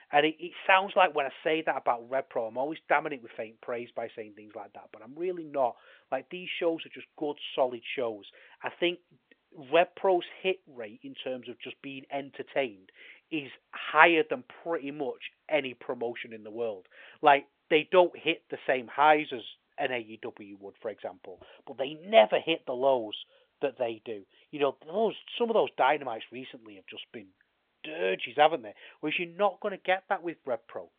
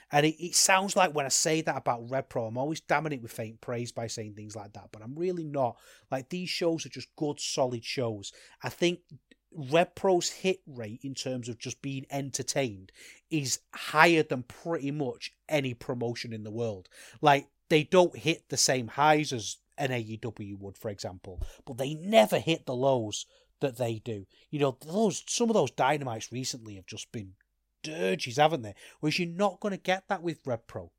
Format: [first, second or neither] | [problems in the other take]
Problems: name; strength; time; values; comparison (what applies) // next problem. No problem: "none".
second | phone-call audio; nothing above 3.5 kHz